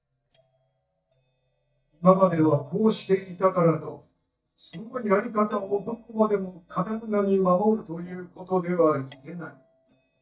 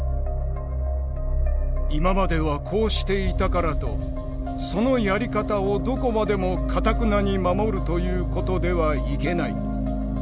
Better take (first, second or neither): second